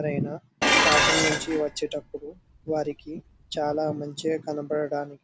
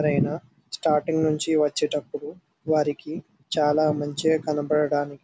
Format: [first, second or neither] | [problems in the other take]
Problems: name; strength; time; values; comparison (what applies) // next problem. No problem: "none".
second | background sound (Dishes, pots, and pans); 3 dB above the speech